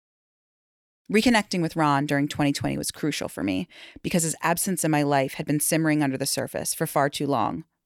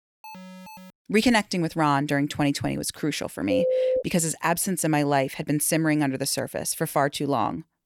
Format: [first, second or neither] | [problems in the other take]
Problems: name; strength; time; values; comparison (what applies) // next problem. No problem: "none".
first | alarm; faint; at the start; peak 15 dB below the speech // phone ringing; loud; at 3.5 s; peak 2 dB above the speech